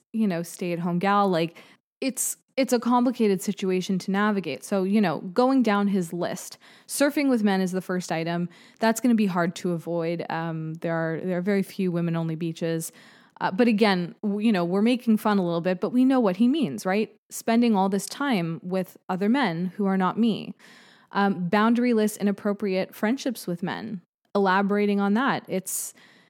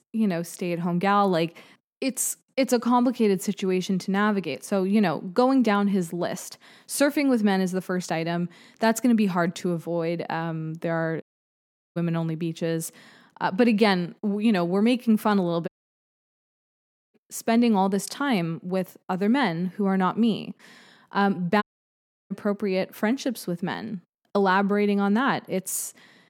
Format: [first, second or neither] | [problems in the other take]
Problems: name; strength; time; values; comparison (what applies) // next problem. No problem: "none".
first | audio cutting out; at 11 s for 0.5 s, at 16 s for 1.5 s and at 22 s for 0.5 s